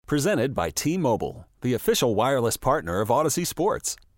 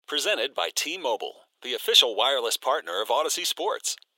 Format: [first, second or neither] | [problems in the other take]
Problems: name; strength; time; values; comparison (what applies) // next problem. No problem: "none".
first | thin; very; fading below 450 Hz